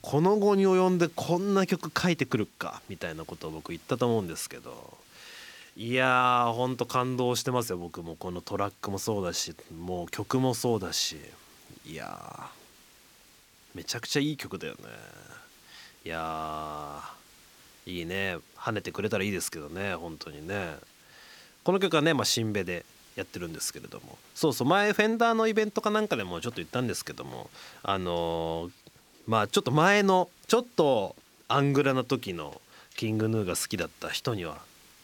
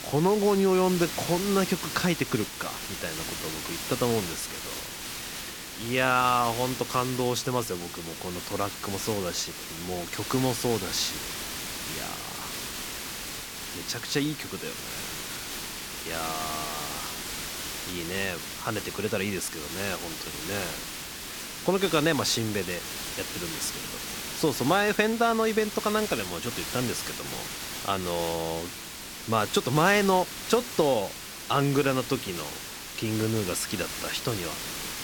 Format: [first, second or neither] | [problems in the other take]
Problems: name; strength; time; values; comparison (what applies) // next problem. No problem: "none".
first | hiss; loud; throughout; 6 dB below the speech; faint in the first